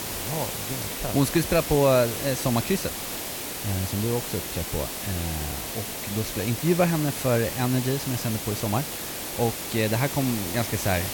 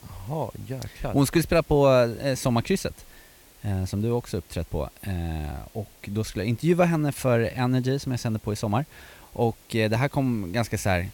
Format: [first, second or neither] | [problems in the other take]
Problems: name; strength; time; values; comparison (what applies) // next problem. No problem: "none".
second | hiss; loud; throughout; 4 dB below the speech; faint in the second